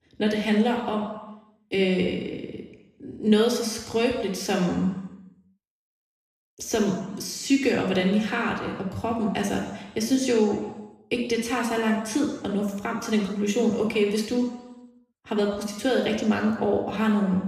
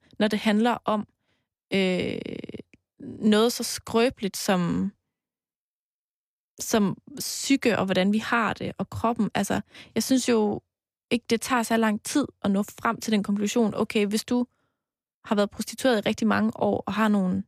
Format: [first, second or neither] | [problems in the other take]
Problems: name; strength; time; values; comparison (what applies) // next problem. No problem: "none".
second | room echo; noticeable; dies away in 1 s // off-mic speech; somewhat distant